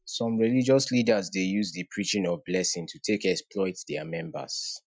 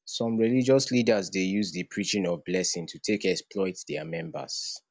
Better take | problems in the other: second | noise reduction (classical method Wiener filter)

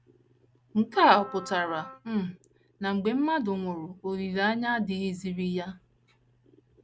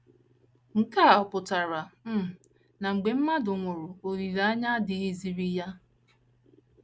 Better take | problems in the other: second | background sound (Wind instrument, woodwind instrument); 16 dB below the speech

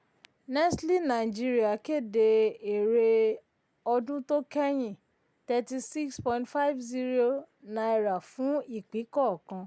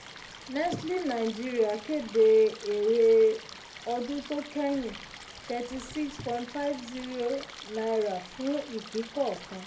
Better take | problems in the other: first | background sound (Stream); 16 dB below the speech // room echo; dies away in 0.3 s

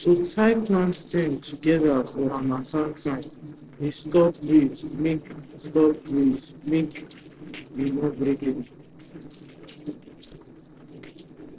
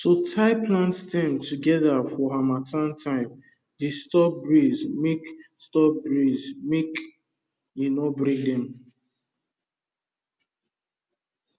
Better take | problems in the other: second | noise reduction (neural separator model SepFormer DNS4)

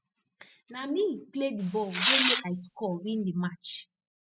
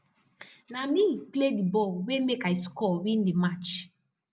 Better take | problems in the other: second | noise reduction (classical method spectral subtraction)

